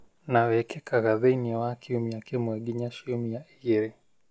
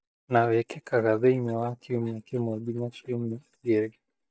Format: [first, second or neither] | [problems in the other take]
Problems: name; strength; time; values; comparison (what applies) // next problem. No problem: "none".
first | noise reduction (neural mask model DeepFilterNet 3)